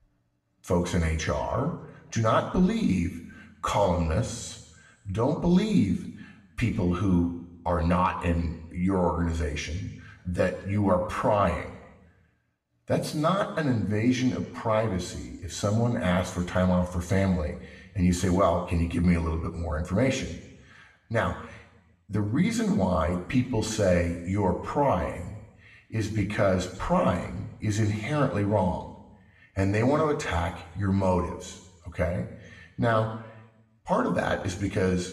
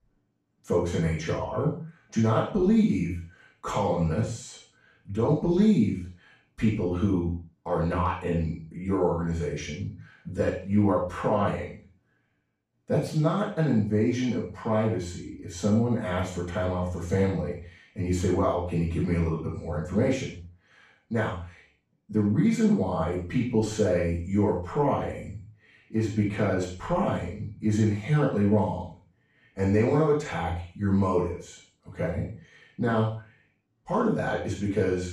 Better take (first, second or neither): first